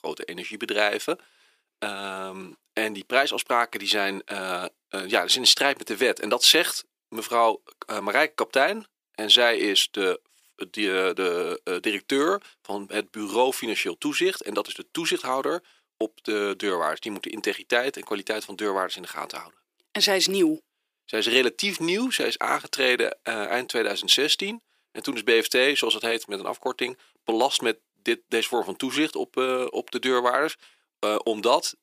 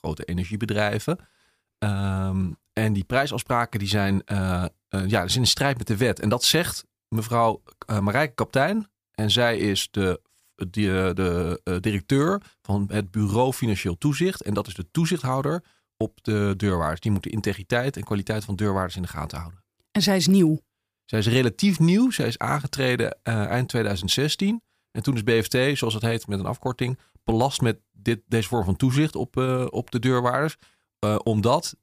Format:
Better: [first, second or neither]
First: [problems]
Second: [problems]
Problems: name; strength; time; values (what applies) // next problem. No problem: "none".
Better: second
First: thin; somewhat; fading below 350 Hz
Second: none